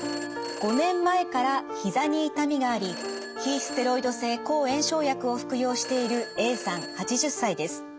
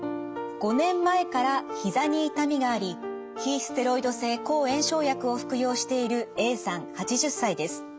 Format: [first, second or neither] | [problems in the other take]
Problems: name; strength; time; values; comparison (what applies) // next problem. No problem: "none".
second | background sound (Telephone); 15 dB below the speech